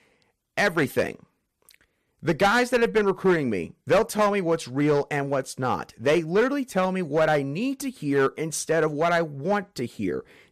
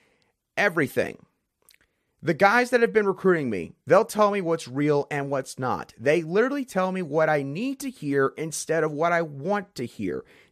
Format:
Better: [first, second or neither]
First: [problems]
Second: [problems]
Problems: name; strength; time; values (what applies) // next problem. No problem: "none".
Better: second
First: distortion; slight; 4% of the sound clipped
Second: none